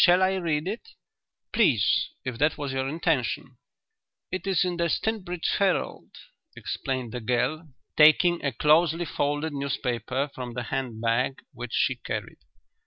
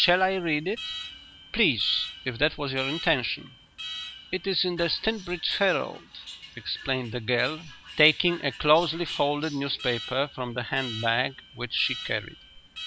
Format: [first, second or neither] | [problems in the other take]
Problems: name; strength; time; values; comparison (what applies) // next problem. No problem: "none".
first | background sound (Alarm); 13 dB below the speech